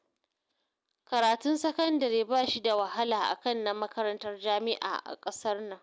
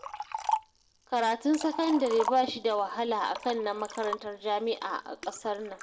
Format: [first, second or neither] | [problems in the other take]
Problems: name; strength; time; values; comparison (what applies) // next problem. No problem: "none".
first | background sound (Liquid); 9 dB below the speech // room echo; dies away in 1.5 s